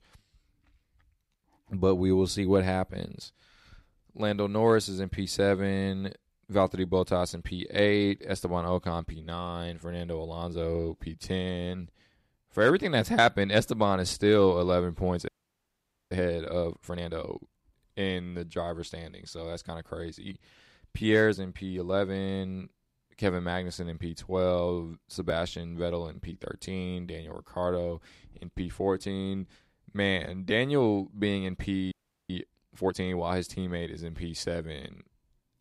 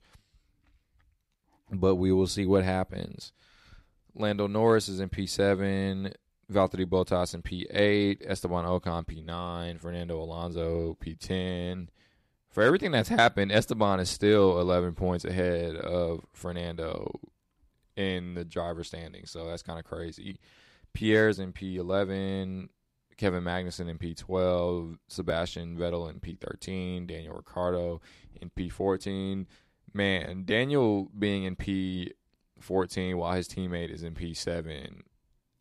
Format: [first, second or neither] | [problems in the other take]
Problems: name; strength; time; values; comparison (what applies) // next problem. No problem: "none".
second | audio freezing; at 15 s for 1 s and at 32 s